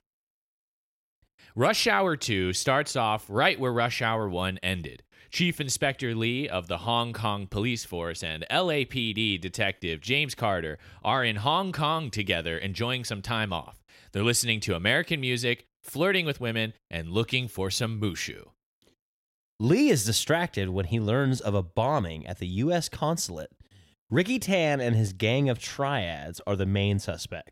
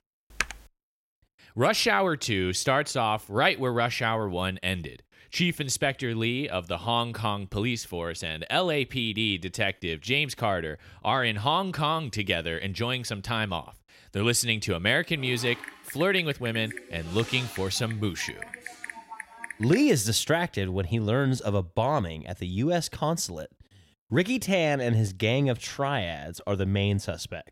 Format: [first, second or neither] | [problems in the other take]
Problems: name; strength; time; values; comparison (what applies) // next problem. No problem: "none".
first | keyboard typing; noticeable; at 0.5 s and from 15 to 20 s; peak 5 dB below the speech